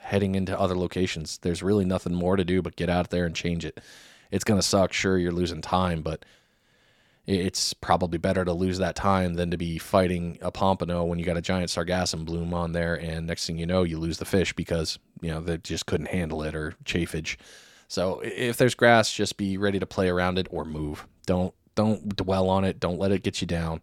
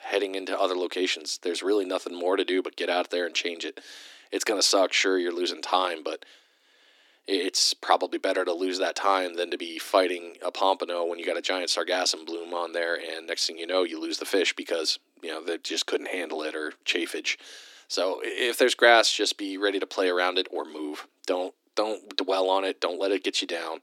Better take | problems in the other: first | thin; somewhat; fading below 300 Hz

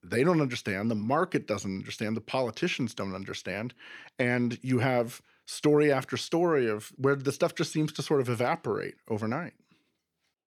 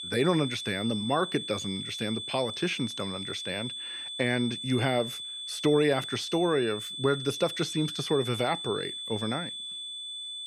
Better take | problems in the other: first | high-pitched whine; loud; throughout; 3.5 kHz, 6 dB below the speech

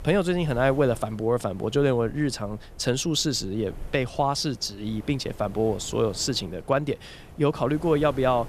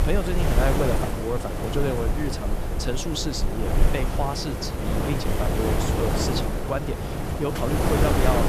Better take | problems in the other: first | wind noise on the microphone; heavy; as loud as the speech; occasional gusts in the first

